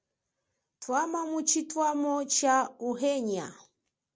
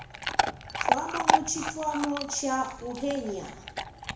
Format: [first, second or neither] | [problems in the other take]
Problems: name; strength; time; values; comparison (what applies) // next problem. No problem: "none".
first | background sound (Chewing, mastication / Dog); 2 dB above the speech // room echo; dies away in 0.7 s